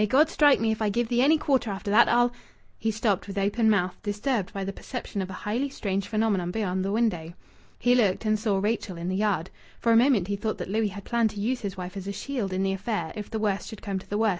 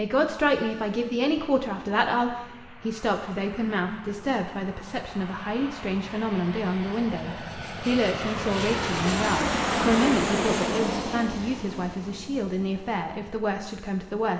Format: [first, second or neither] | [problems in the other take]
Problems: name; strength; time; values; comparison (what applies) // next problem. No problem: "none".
first | background sound (Aircraft); 6 dB below the speech // room echo; dies away in 2 s